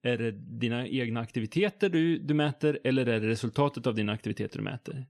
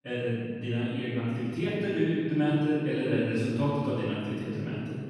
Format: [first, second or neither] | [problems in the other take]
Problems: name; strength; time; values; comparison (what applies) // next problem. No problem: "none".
first | off-mic speech; far // room echo; strong; dies away in 2.2 s